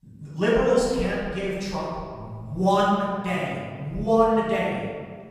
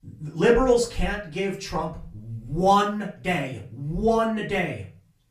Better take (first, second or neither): second